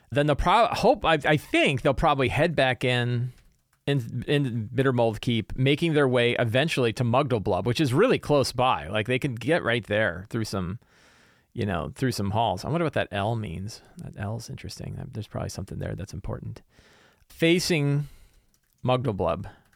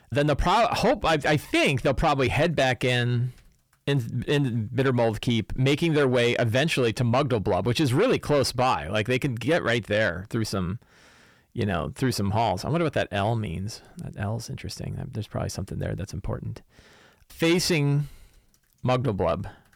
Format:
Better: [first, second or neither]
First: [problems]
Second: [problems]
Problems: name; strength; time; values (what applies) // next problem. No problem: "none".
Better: first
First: none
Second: distortion; slight; 10 dB below the speech